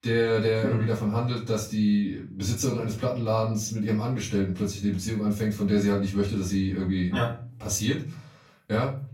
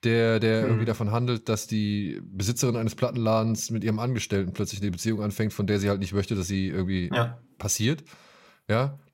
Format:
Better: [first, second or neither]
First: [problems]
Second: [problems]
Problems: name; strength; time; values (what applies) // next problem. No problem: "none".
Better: second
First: off-mic speech; far // room echo; slight; dies away in 0.3 s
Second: none